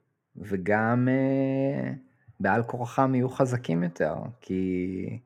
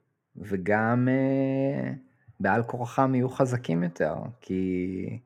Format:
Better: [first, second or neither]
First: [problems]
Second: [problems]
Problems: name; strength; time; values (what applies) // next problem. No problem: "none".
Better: neither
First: none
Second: none